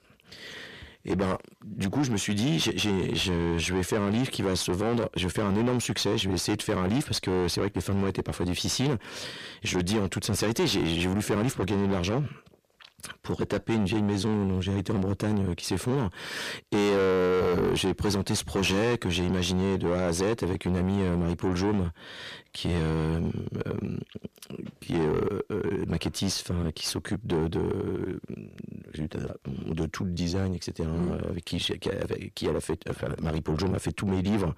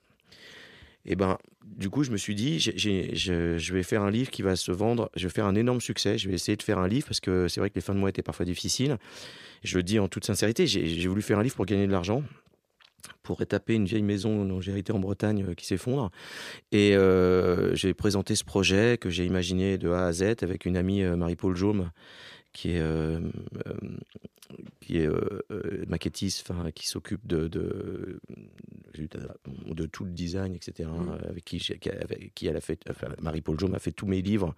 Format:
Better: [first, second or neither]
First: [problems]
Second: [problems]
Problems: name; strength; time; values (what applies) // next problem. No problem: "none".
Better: second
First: distortion; heavy; 7 dB below the speech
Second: none